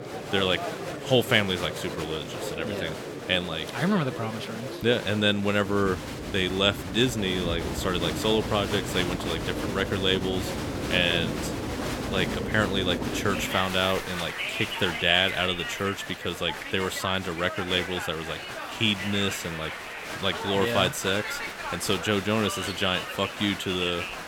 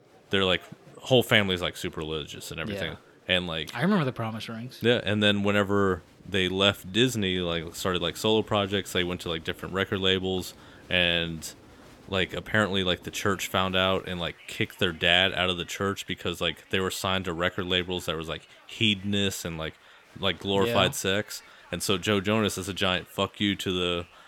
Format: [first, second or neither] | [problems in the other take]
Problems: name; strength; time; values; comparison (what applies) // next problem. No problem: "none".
second | crowd noise; loud; throughout; 6 dB below the speech; faint in the second